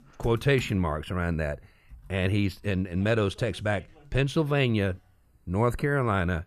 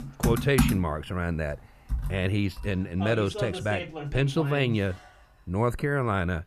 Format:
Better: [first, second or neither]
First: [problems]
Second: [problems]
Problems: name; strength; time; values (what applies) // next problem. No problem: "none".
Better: first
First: household noises; faint; throughout; 25 dB below the speech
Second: household noises; loud; throughout; 4 dB below the speech